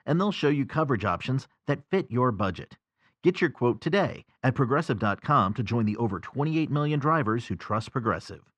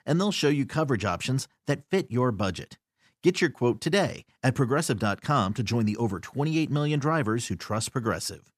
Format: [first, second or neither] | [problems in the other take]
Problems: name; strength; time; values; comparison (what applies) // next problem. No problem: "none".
second | muffled; slightly; fading above 3 kHz